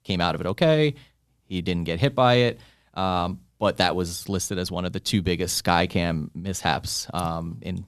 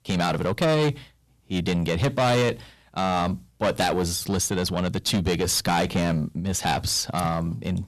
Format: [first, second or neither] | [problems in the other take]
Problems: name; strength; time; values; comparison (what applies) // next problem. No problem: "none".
first | distortion; heavy; 6 dB below the speech